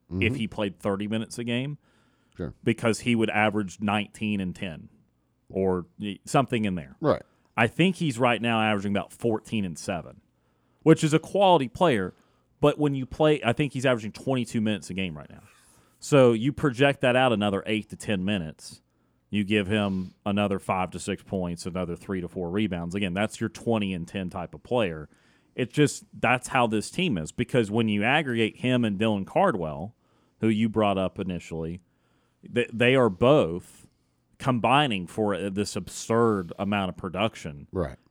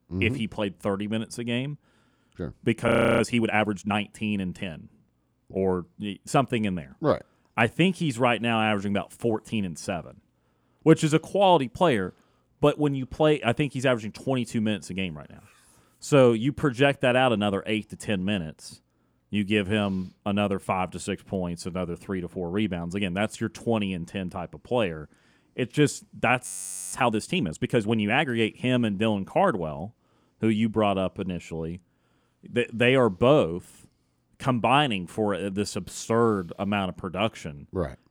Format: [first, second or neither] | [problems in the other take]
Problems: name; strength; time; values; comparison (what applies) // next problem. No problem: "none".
first | audio freezing; at 3 s and at 26 s